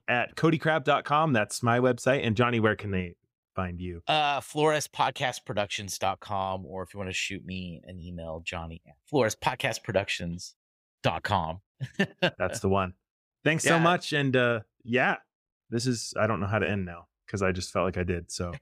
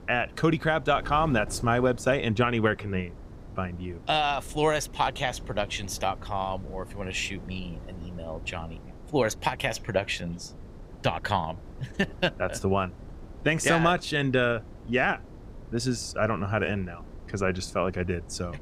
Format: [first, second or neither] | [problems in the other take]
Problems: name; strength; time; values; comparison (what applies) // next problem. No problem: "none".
first | wind noise on the microphone; occasional gusts; 25 dB below the speech